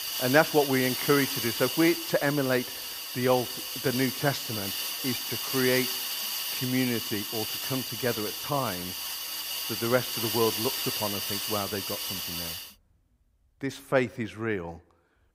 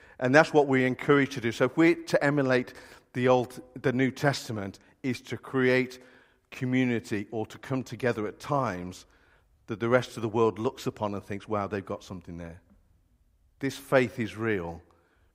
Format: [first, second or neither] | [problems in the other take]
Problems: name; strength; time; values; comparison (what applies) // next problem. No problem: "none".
second | hiss; loud; until 13 s; 2 dB below the speech